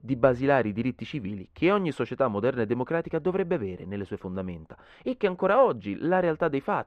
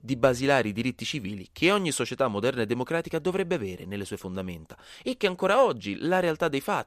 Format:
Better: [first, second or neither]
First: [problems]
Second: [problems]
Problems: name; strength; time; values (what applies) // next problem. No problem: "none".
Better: second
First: muffled; very; fading above 4 kHz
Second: none